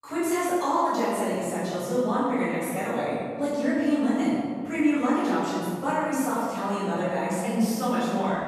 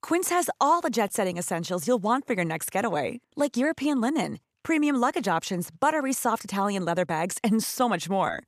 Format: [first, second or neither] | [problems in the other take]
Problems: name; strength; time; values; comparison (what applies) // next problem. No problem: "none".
second | off-mic speech; far // room echo; strong; dies away in 1.9 s